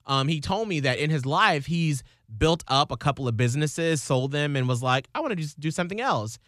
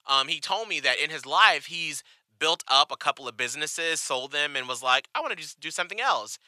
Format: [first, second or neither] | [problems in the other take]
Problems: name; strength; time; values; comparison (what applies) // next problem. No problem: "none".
first | thin; very; fading below 800 Hz